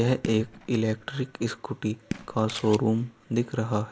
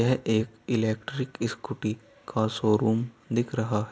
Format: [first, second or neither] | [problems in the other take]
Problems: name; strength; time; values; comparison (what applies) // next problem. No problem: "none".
second | background sound (Camera + Fireworks); 14 dB below the speech